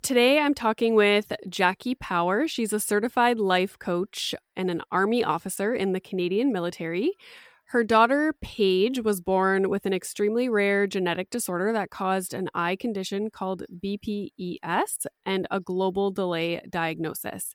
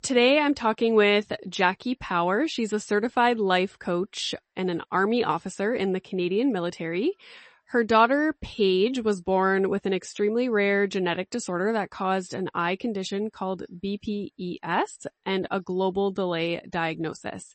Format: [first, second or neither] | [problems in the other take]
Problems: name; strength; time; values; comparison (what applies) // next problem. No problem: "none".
first | garbled, watery; slightly; nothing above 8 kHz